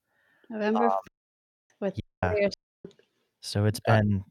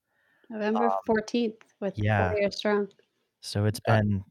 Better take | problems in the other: second | audio cutting out; at 1 s for 0.5 s, at 2 s and at 2.5 s

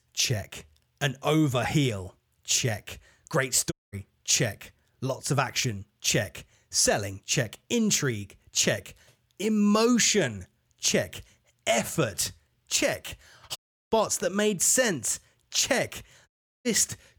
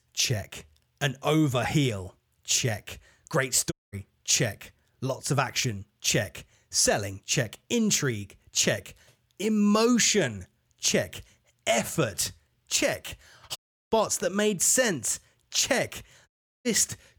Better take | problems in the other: neither | audio cutting out; at 3.5 s, at 14 s and at 16 s; the same in both

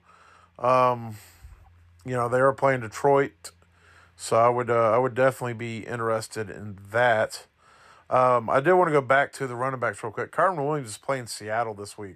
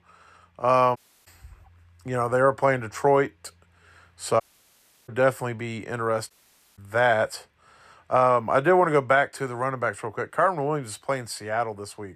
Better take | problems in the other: first | audio cutting out; at 1 s, at 4.5 s for 0.5 s and at 6.5 s

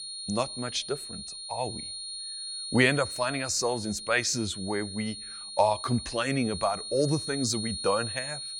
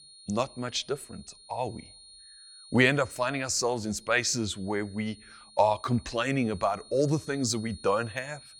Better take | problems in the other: second | high-pitched whine; loud; throughout; 4.5 kHz, 7 dB below the speech; faint in the second

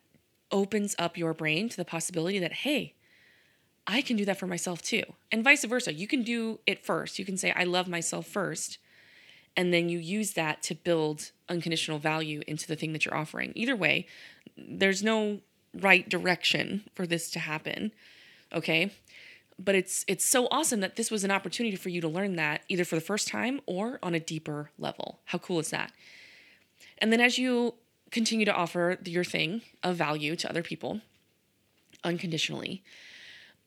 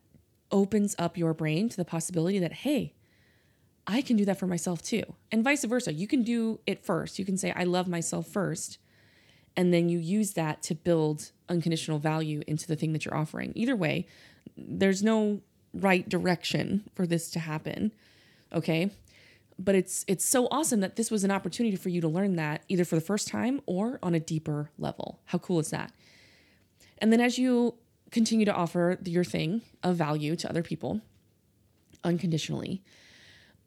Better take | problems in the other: second | thin; very slightly; fading below 300 Hz

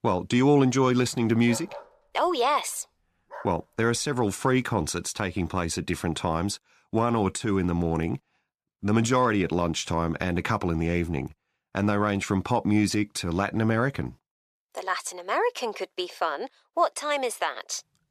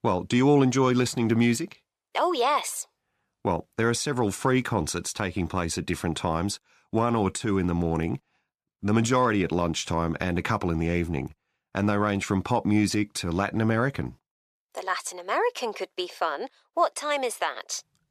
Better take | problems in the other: second | dog barking; faint; from 1.5 to 3.5 s; peak 15 dB below the speech

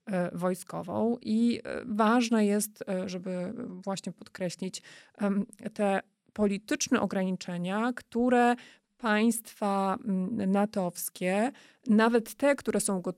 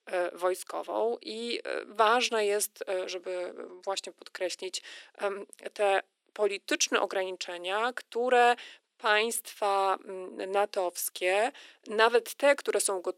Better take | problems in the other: first | thin; very; fading below 350 Hz

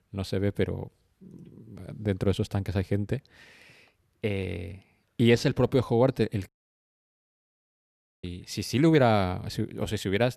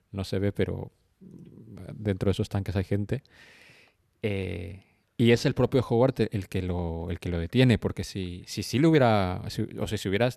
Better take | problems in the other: second | audio cutting out; at 6.5 s for 1.5 s

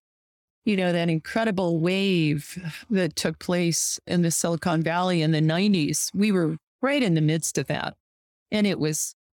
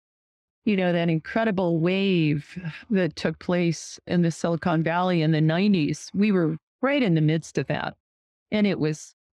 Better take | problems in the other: first | muffled; slightly; fading above 3 kHz

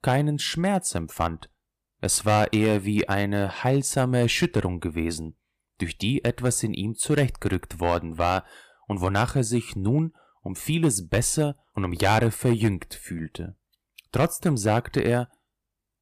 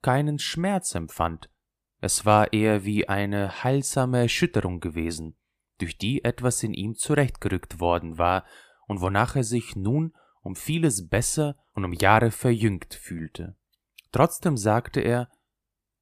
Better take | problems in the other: second | distortion; slight; 2% of the sound clipped

